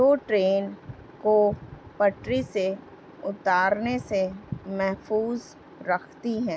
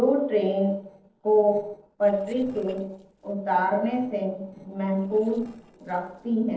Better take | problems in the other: first | noise reduction (neural separator model SepFormer DNS4)

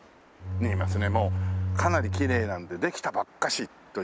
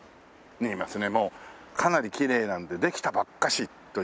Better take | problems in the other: second | background sound (Bowed string instrument); 1 dB above the speech

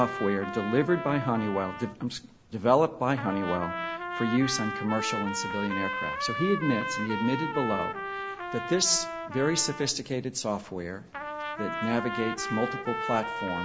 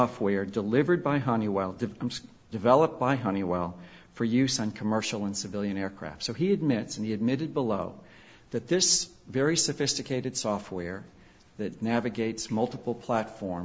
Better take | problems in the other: second | background sound (Trumpet); 6 dB below the speech

